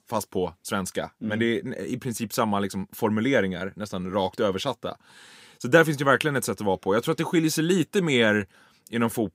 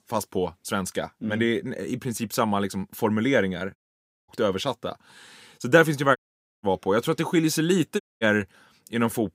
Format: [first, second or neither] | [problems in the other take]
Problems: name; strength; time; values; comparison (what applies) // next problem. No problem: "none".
first | audio cutting out; at 4 s for 0.5 s, at 6 s and at 8 s